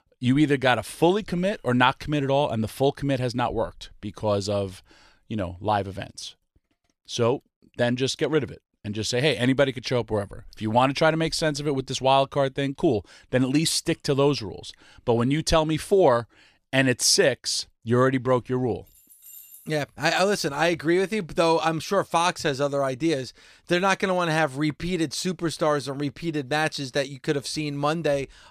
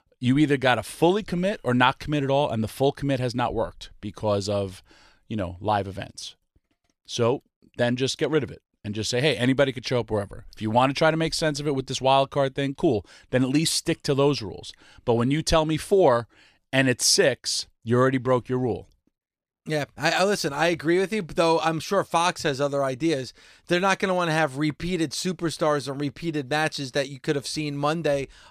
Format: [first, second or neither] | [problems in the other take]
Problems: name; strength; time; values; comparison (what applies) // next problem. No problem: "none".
second | jangling keys; faint; at 19 s; peak 20 dB below the speech